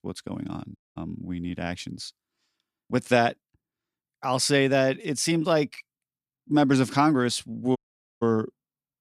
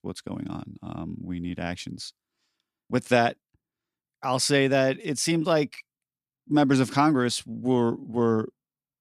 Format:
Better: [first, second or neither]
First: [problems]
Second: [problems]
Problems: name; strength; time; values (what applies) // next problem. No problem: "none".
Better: second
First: audio cutting out; at 1 s and at 8 s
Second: none